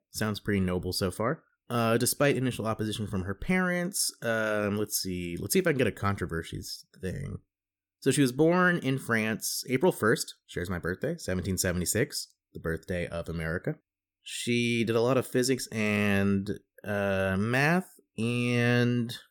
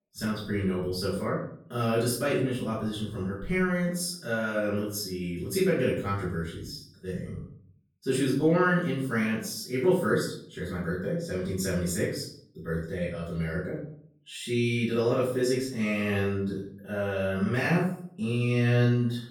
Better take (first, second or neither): first